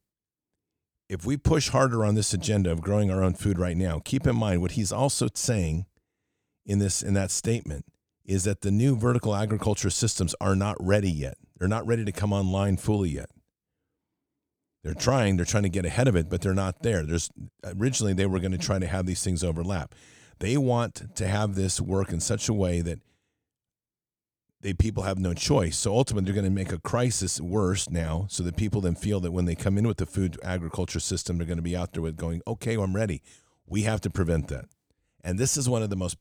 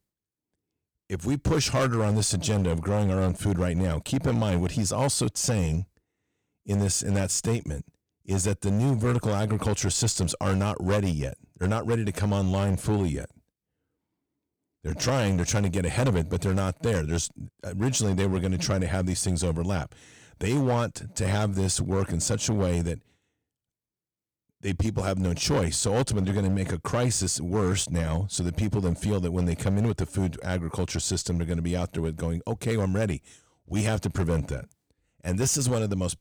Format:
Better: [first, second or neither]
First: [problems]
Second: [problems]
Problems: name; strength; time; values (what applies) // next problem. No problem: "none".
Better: first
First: none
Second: distortion; slight; 8% of the sound clipped